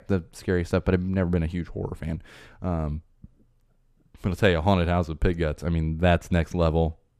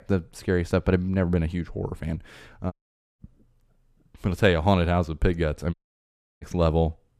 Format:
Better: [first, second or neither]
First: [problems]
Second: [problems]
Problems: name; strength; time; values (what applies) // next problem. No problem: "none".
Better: first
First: none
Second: audio cutting out; at 2.5 s and at 5.5 s for 0.5 s